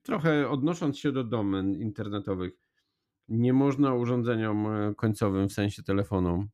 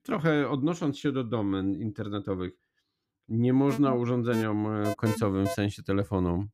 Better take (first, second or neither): first